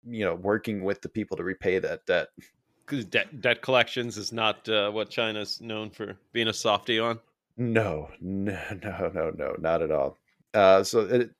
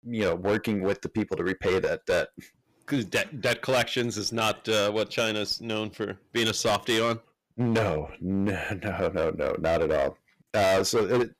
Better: first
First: none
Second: distortion; heavy; 11% of the sound clipped

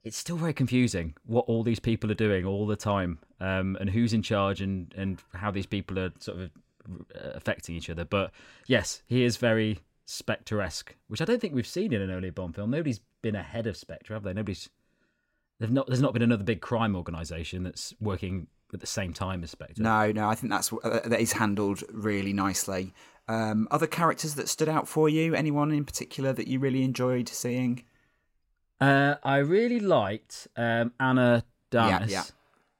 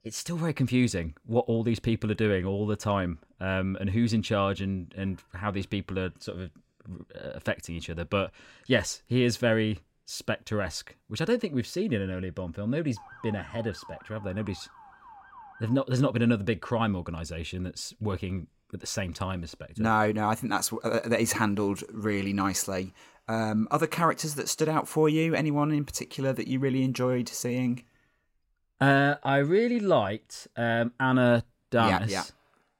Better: first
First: none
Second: siren; faint; from 13 to 16 s; peak 15 dB below the speech

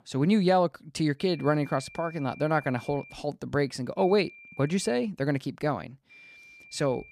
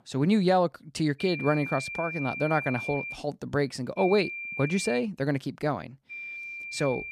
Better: first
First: high-pitched whine; faint; from 1 to 3 s, from 4 to 5 s and from 6 s on; 2.5 kHz, 20 dB below the speech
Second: high-pitched whine; loud; from 1 to 3 s, from 4 to 5 s and from 6 s on; 2.5 kHz, 7 dB below the speech

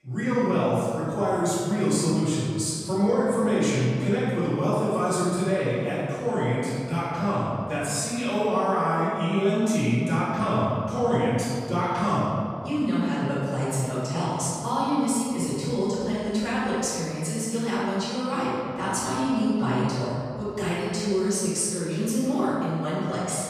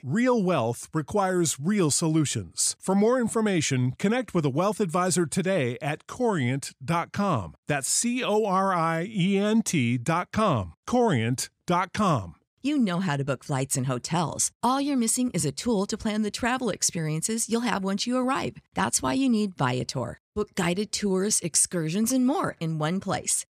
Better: second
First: off-mic speech; far // room echo; strong; dies away in 2.2 s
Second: none

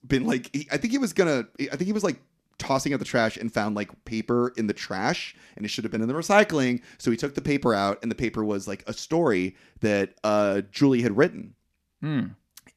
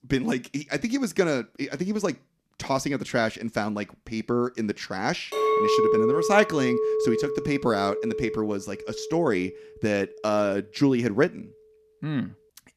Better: first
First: none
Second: clattering dishes; loud; from 5.5 to 9.5 s; peak 6 dB above the speech

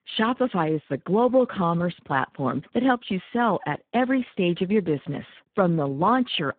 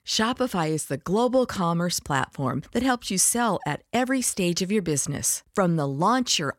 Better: second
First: phone-call audio; poor line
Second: none

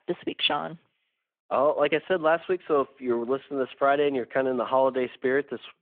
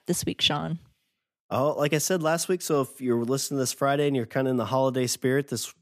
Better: second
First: phone-call audio; nothing above 3.5 kHz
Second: none

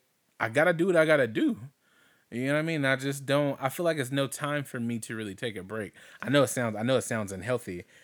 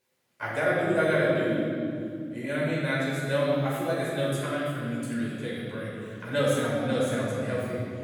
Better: first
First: none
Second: room echo; strong; dies away in 2.7 s // off-mic speech; far

